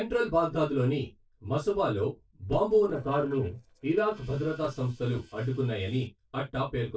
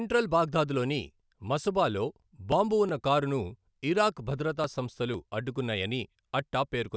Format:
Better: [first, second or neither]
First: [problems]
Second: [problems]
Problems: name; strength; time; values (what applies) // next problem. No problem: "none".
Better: second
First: noise reduction (neural separator model SepFormer DNS4)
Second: none